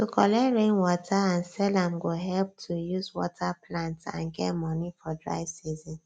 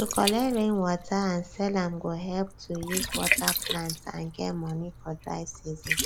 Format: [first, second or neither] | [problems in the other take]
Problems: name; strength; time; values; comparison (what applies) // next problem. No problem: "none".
first | background sound (Liquid); 4 dB below the speech